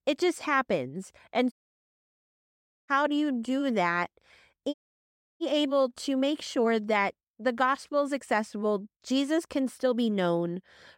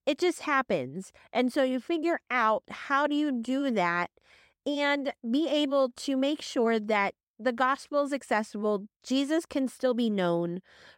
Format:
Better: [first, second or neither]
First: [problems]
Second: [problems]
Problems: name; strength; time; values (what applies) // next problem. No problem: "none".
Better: second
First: audio cutting out; at 1.5 s for 1.5 s and at 4.5 s for 0.5 s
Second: none